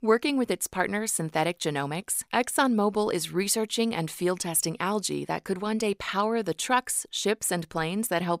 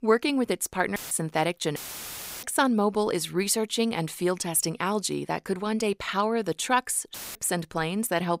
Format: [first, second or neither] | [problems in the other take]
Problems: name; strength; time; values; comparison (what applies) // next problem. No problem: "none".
first | audio cutting out; filled with static; at 1 s, at 2 s for 0.5 s and at 7 s